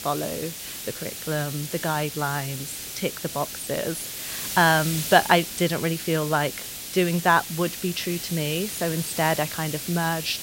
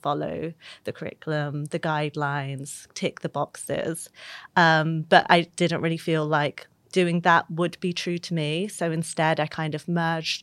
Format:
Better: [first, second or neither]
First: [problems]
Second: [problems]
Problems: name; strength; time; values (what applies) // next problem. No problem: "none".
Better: second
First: hiss; loud; throughout; 7 dB below the speech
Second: none